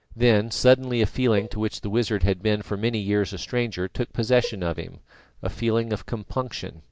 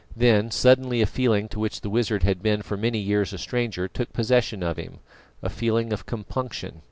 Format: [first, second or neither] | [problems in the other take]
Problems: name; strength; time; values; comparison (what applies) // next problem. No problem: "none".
second | noise reduction (neural mask model DeepFilterNet 3)